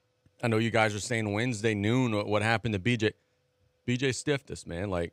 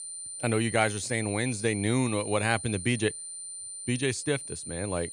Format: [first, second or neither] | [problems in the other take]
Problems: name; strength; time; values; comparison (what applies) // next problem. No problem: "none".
first | high-pitched whine; loud; throughout; 9 kHz, 8 dB below the speech